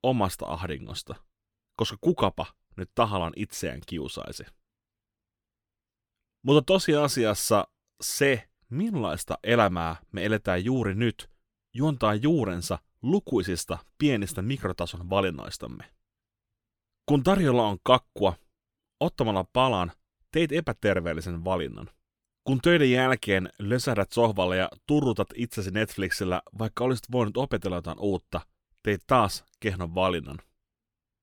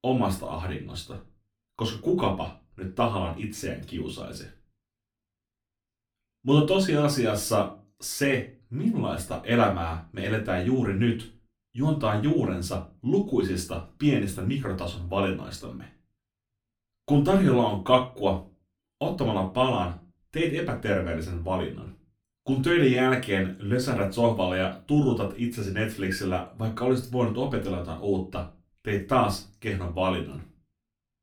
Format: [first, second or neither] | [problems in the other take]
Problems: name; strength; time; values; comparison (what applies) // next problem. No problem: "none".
first | off-mic speech; far // room echo; very slight; dies away in 0.3 s